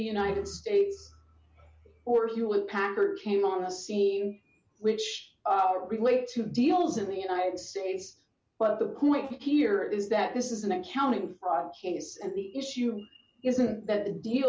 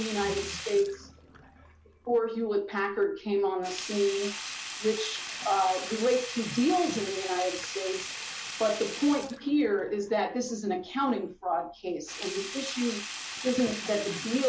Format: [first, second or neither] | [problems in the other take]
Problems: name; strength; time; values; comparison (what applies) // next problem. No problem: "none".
first | background sound (Sink (filling or washing)); 10 dB below the speech